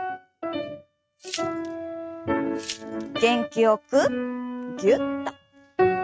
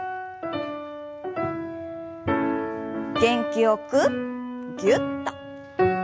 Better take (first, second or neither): second